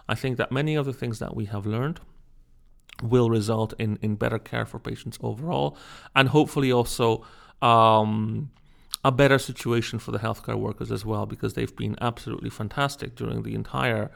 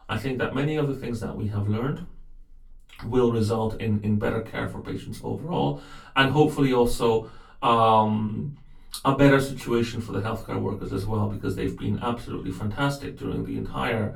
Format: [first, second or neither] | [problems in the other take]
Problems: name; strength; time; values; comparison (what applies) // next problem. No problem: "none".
first | off-mic speech; far // room echo; very slight; dies away in 0.2 s